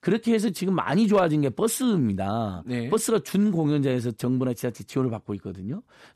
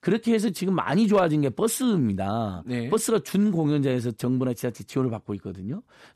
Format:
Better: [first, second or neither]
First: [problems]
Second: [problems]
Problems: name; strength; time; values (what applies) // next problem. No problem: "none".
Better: neither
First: none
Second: none